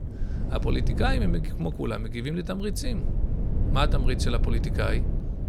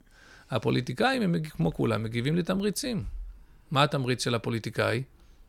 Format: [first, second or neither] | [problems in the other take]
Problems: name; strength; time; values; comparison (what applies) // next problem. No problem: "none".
second | low rumble; loud; throughout; 10 dB below the speech